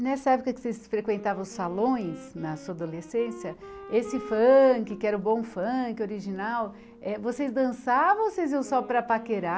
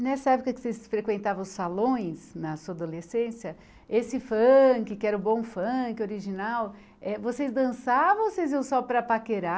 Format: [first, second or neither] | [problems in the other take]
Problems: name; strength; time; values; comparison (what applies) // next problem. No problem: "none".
second | background sound (Wind instrument, woodwind instrument); 19 dB below the speech